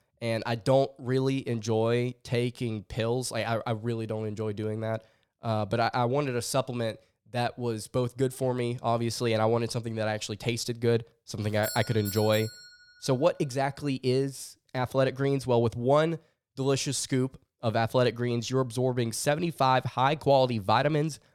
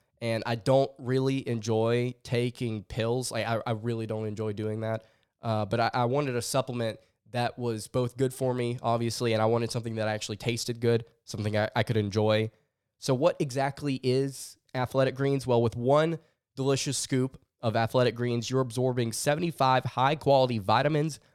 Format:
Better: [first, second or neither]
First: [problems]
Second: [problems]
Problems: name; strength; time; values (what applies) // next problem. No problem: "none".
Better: second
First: doorbell; noticeable; from 12 to 13 s; peak 8 dB below the speech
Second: none